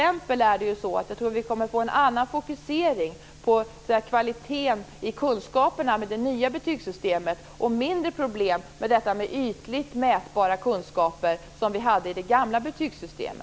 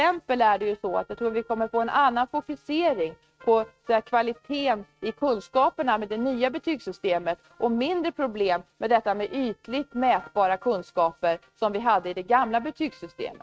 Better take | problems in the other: first | noise reduction (neural mask model RNNoise)

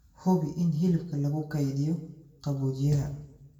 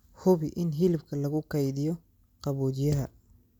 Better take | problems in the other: second | room echo; dies away in 0.6 s

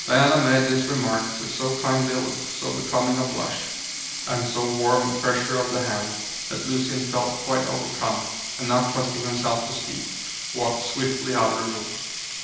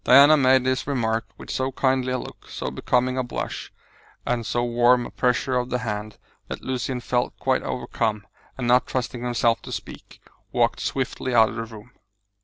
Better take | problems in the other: second | background sound (Sink (filling or washing)); 6 dB below the speech // room echo; dies away in 0.9 s

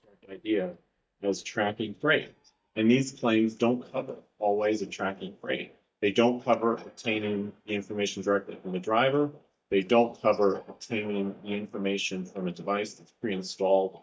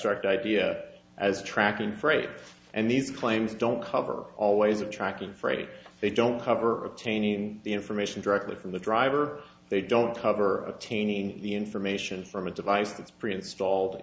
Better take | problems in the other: second | noise reduction (neural mask model DeepFilterNet 3)

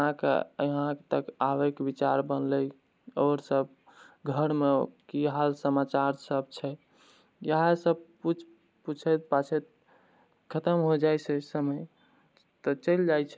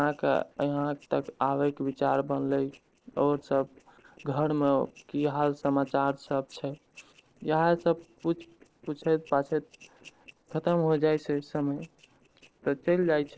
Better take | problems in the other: first | noise reduction (neural separator model SepFormer DNS4)

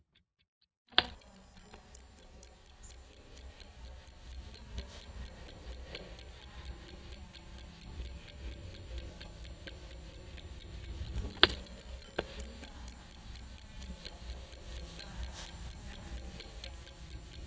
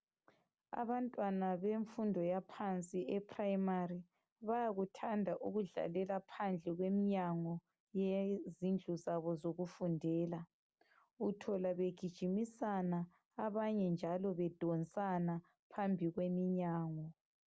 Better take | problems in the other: second | noise reduction (neural mask model DeepFilterNet 3)

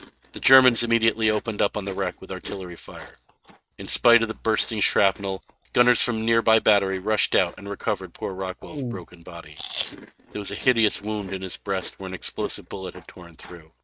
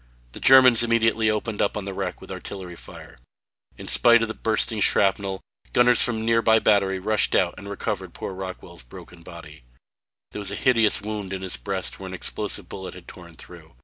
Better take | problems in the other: second | noise reduction (neural mask model RNNoise)

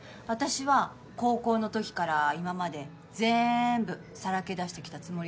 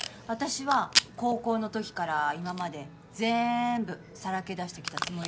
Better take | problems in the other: first | background sound (Packing tape, duct tape / Tearing); 6 dB below the speech

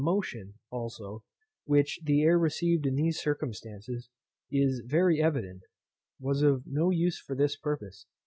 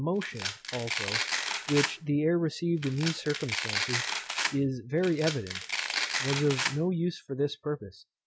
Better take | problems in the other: first | background sound (Domestic sounds, home sounds); 2 dB below the speech

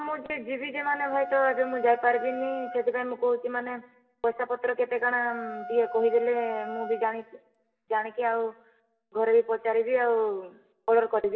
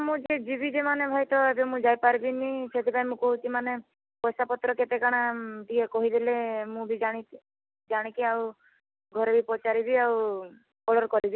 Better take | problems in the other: second | background sound (Wind instrument, woodwind instrument); 13 dB below the speech // room echo; dies away in 0.7 s

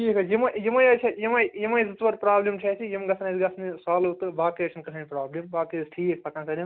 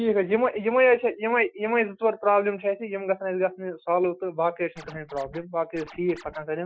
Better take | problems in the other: first | noise reduction (classical method Wiener filter)

